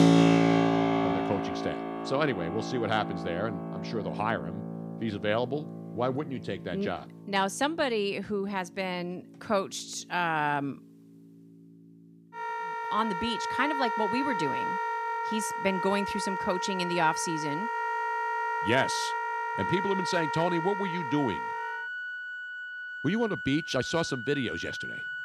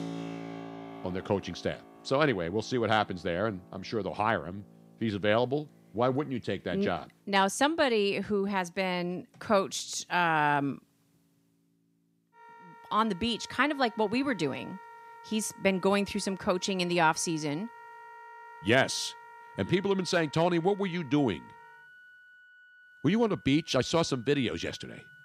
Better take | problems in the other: second | background music; loud; throughout; 1 dB below the speech; faint in the second

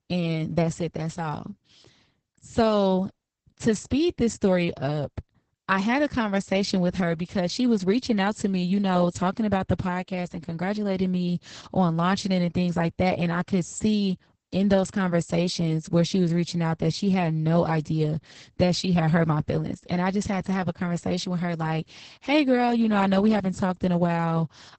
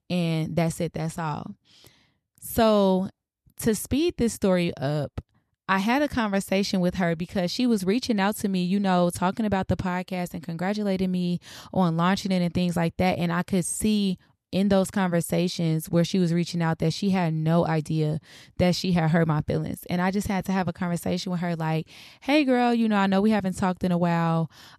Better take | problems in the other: second | garbled, watery; badly; nothing above 8 kHz

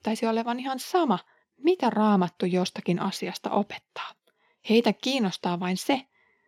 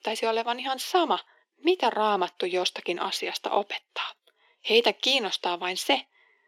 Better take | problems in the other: first | thin; somewhat; fading below 350 Hz

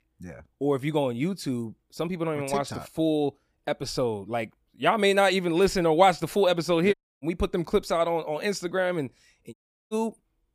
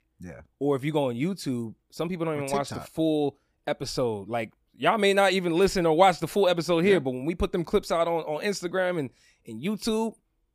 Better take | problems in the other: second | audio cutting out; at 7 s and at 9.5 s

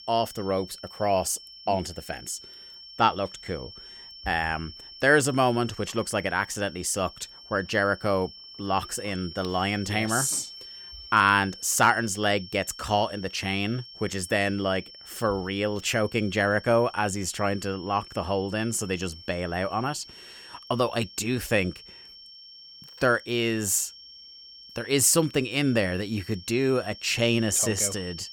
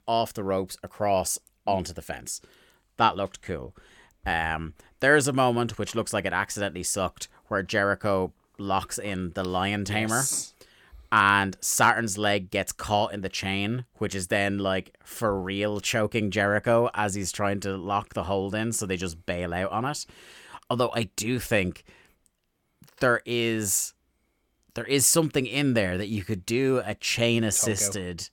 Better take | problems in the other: second | high-pitched whine; noticeable; throughout; 5.5 kHz, 15 dB below the speech

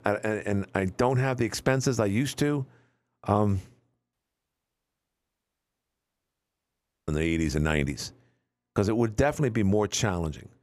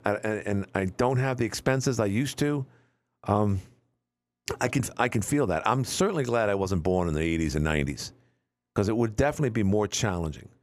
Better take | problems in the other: second | audio cutting out; at 4 s for 3 s

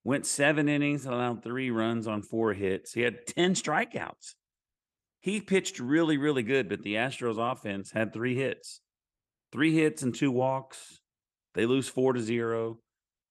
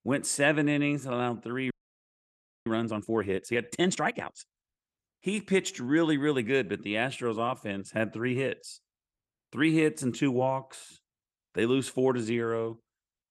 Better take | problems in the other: first | audio freezing; at 1.5 s for 1 s

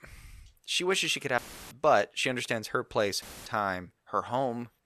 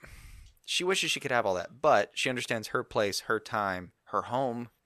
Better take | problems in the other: second | audio cutting out; filled with static; at 1.5 s and at 3 s

